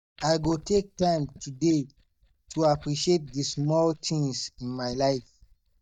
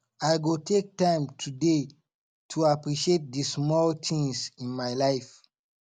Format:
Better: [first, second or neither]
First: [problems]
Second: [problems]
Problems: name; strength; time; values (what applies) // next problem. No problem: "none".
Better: second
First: noise reduction (neural mask model DeepFilterNet 3)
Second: none